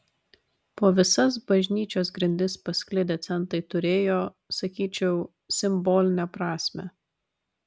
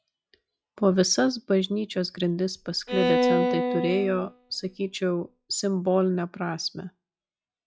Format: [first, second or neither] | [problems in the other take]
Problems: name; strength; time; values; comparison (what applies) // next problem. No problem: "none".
first | noise reduction (classical method log-MMSE)